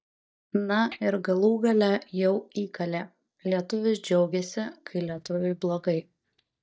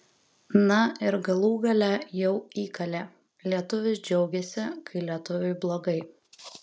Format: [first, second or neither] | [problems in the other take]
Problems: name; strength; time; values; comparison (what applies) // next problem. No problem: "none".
second | noise reduction (neural mask model DeepFilterNet 3)